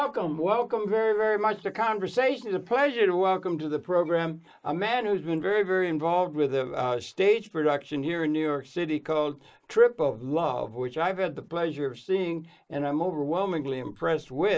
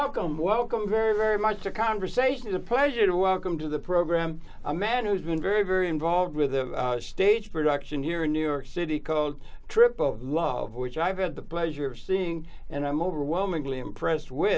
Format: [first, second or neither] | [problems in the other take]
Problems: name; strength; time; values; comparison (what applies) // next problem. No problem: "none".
second | noise reduction (neural mask model Resemble Enhance denoiser)